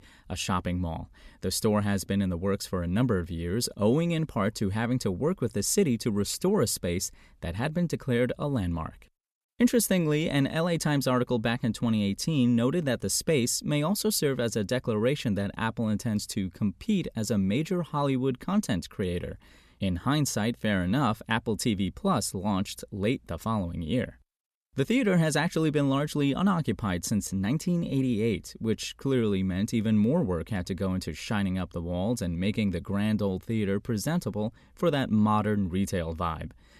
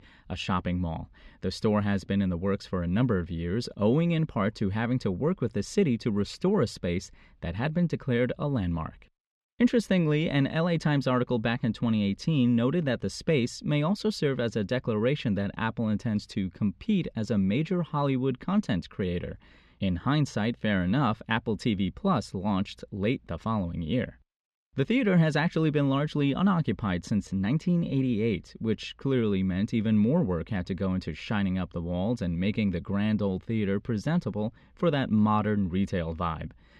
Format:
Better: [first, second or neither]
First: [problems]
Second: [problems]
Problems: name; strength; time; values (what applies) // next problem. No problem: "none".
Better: first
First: none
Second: muffled; slightly; fading above 3 kHz